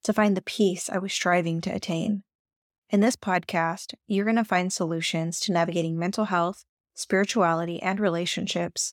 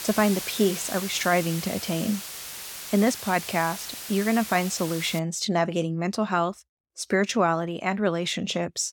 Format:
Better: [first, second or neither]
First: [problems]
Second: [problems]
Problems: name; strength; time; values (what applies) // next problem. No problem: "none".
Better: first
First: none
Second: hiss; loud; until 5 s; 8 dB below the speech